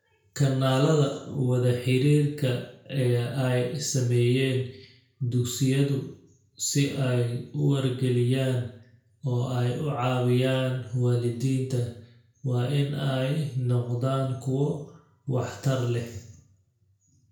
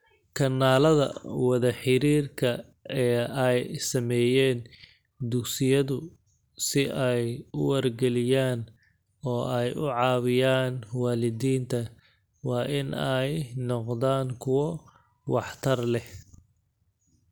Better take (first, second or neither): second